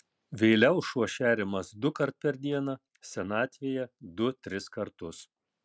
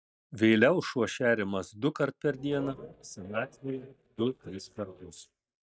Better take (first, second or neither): first